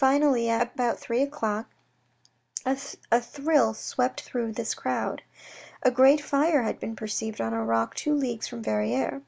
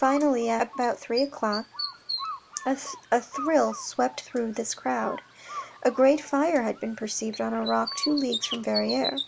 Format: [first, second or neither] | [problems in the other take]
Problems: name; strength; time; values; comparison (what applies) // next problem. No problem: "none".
first | background sound (Bird); 11 dB below the speech